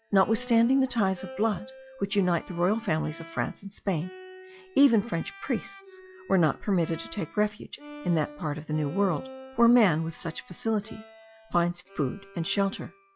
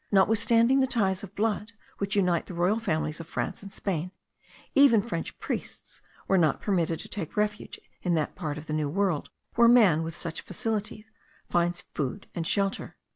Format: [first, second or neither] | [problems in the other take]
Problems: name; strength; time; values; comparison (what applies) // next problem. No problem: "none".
second | noise reduction (classical method log-MMSE)